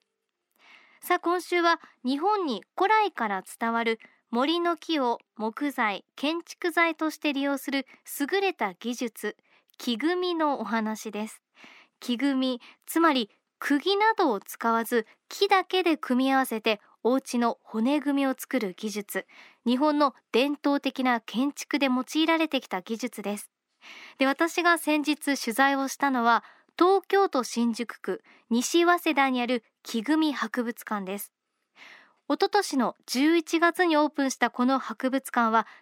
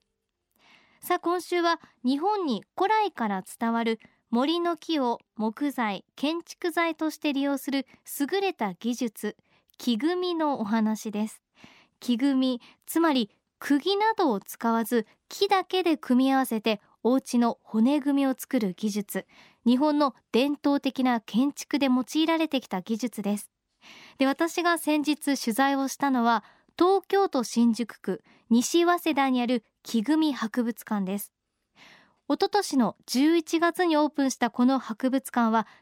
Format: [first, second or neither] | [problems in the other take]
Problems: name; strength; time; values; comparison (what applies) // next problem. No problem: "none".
second | thin; very slightly; fading below 300 Hz